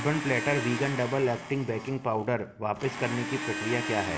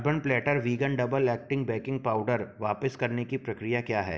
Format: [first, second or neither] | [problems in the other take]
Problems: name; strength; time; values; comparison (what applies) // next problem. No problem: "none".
second | background sound (Domestic sounds, home sounds); 7 dB below the speech